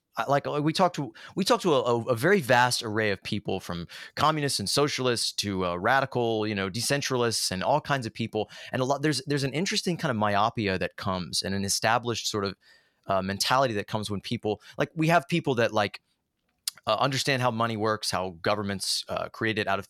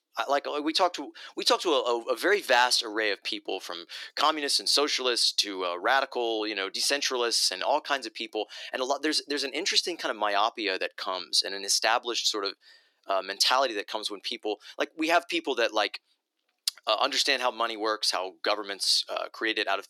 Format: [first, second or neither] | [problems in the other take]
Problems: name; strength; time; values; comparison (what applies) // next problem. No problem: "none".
first | thin; somewhat; fading below 300 Hz